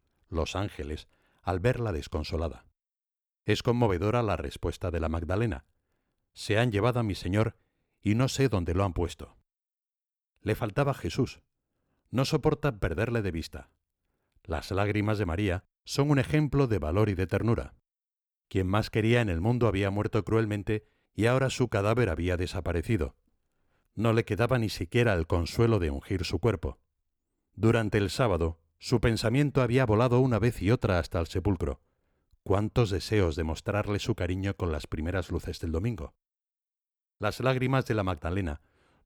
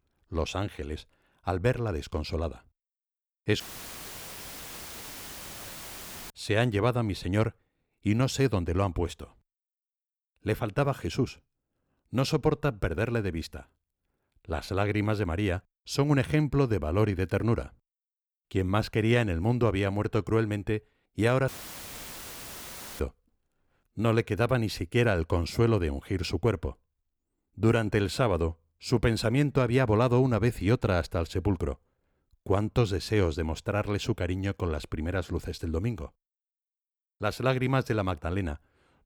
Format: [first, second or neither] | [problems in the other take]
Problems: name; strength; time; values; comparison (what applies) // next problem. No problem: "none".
first | audio cutting out; filled with static; at 3.5 s for 2.5 s and at 21 s for 1.5 s